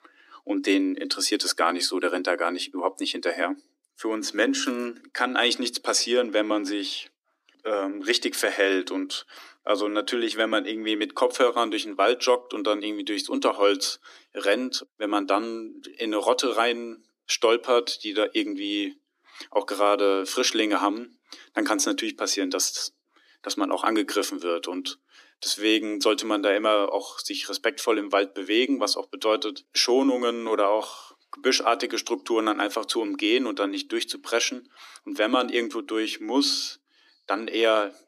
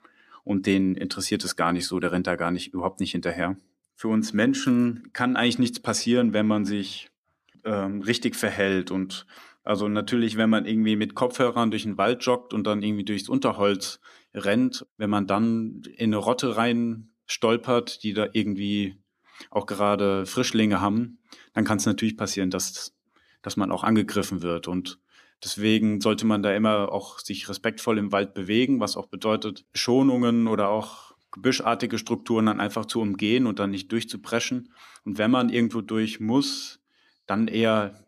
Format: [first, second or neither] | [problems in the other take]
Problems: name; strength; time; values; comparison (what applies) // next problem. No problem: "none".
second | thin; somewhat; fading below 300 Hz